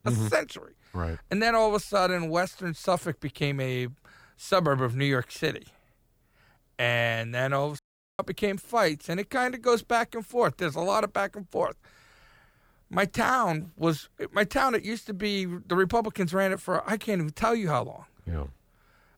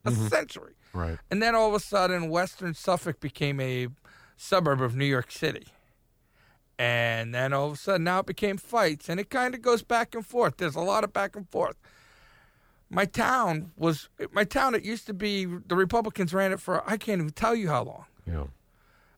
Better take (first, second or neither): second